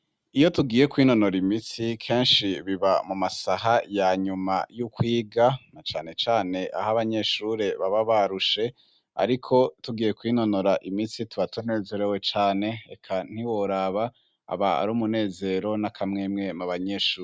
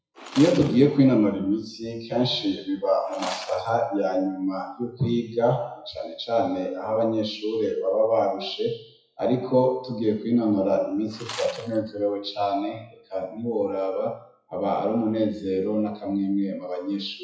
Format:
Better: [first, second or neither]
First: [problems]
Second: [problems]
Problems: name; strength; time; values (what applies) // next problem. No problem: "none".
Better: first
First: none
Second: noise reduction (classical method WPE with log-MMSE)